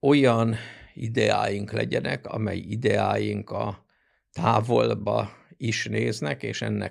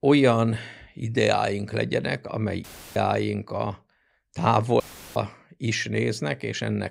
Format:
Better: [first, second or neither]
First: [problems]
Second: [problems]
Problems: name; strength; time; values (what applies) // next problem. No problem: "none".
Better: first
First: none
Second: audio cutting out; filled with static; at 2.5 s and at 5 s